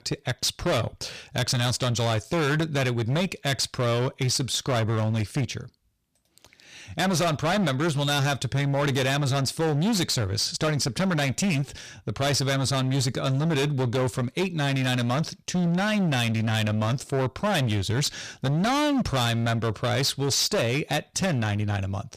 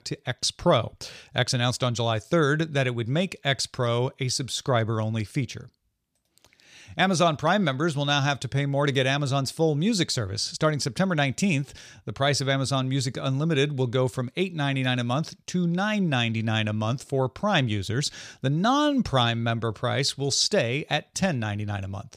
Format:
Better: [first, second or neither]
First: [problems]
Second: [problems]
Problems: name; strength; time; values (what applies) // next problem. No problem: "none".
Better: second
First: distortion; heavy; 23% of the sound clipped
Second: none